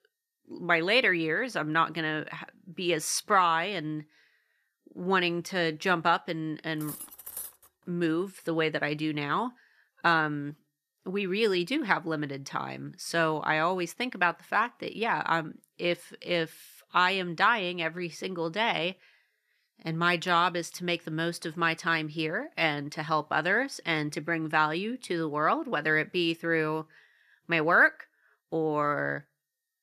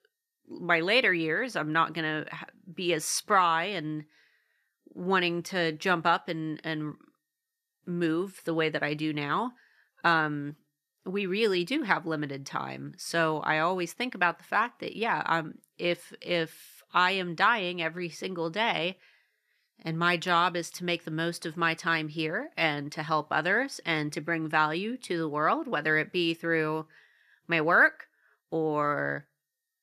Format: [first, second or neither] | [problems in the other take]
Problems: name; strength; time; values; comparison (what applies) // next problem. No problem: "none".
second | clattering dishes; faint; at 7 s; peak 10 dB below the speech